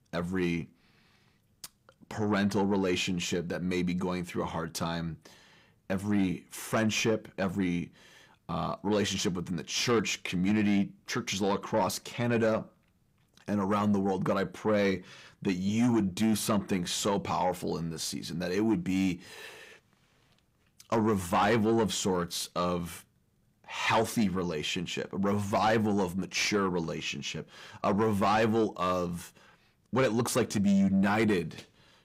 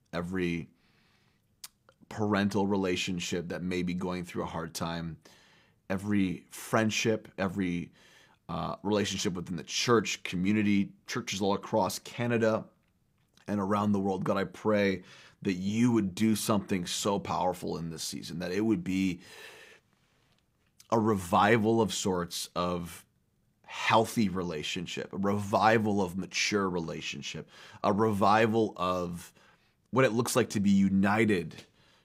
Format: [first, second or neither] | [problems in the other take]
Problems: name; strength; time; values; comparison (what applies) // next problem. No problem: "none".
second | distortion; slight; 10 dB below the speech